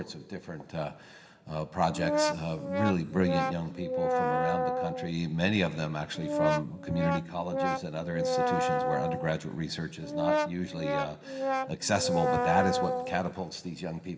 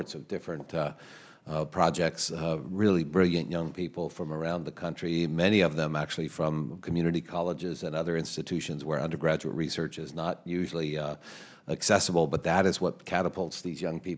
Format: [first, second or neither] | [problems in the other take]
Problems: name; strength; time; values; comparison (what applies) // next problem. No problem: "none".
second | background sound (Brass instrument); 1 dB above the speech // room echo; dies away in 1.8 s